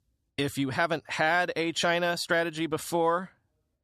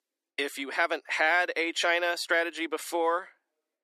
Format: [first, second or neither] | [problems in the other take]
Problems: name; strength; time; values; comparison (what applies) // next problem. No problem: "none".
first | thin; somewhat; fading below 300 Hz